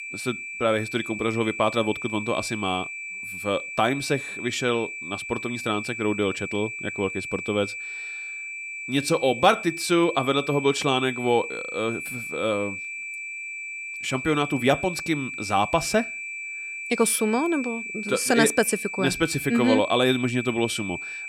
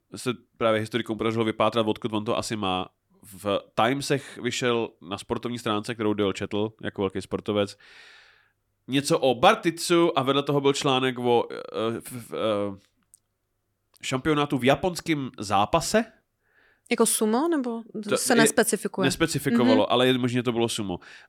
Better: second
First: high-pitched whine; loud; throughout; 2.5 kHz, 7 dB below the speech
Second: none

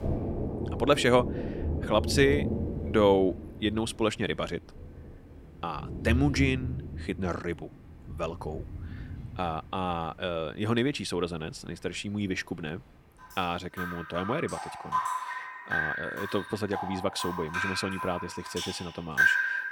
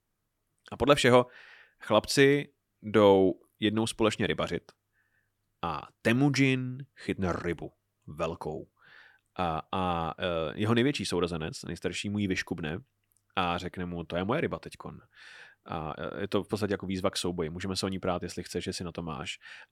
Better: second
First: rain or running water; loud; throughout; 3 dB below the speech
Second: none

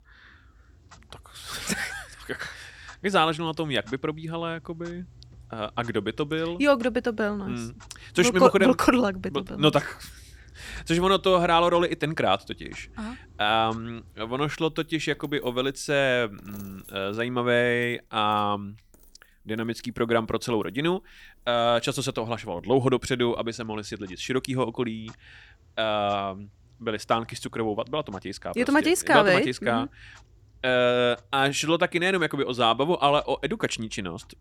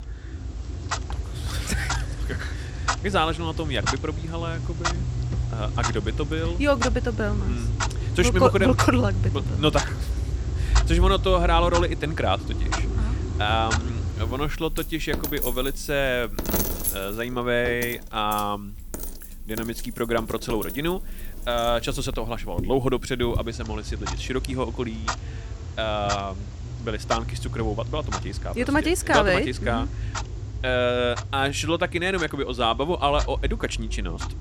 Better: first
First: household noises; faint; throughout; 25 dB below the speech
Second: household noises; loud; throughout; 4 dB below the speech

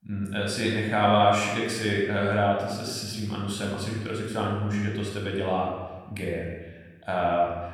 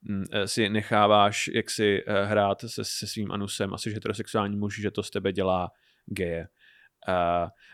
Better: second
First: off-mic speech; far // room echo; noticeable; dies away in 1.2 s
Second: none

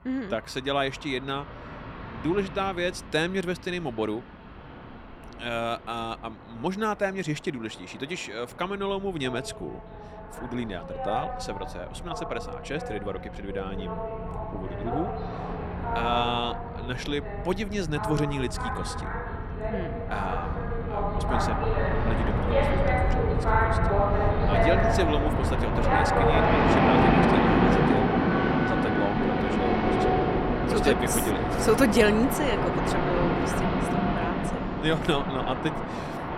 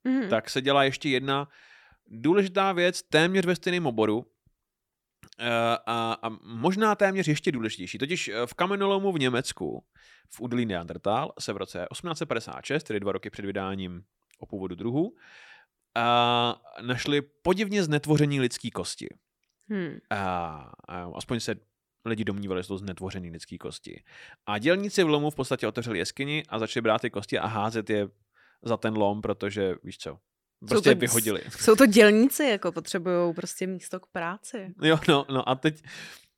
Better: second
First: train or aircraft noise; very loud; throughout; 4 dB above the speech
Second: none

